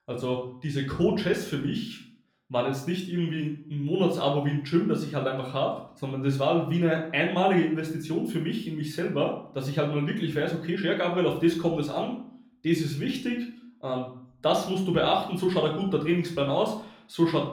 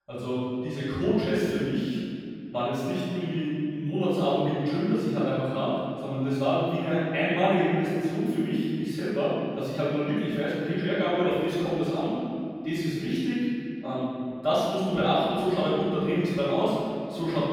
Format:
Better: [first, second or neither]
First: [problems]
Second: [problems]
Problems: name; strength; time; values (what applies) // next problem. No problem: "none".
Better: first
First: room echo; slight; dies away in 0.4 s // off-mic speech; somewhat distant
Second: room echo; strong; dies away in 2.2 s // off-mic speech; far